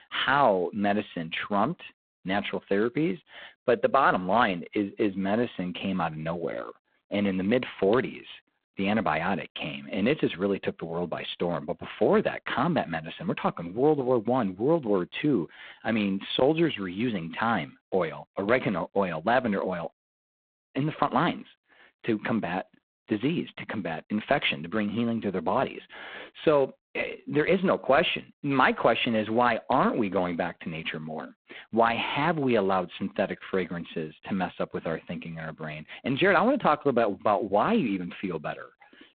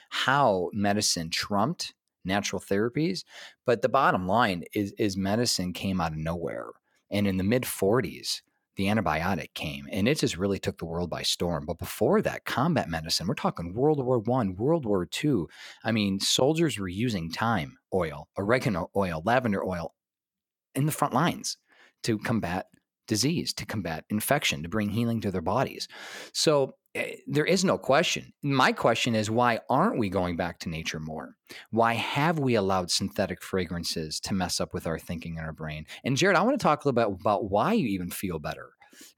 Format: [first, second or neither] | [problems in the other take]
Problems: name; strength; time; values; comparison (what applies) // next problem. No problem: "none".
second | phone-call audio; poor line; nothing above 3.5 kHz